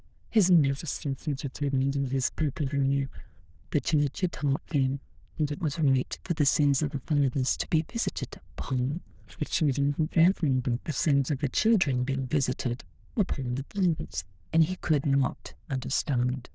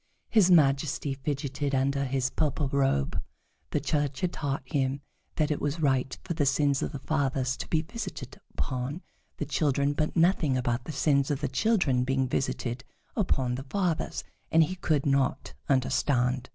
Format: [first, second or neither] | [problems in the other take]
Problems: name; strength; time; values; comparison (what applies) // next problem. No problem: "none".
second | noise reduction (neural diffusion model UNIVERSE++)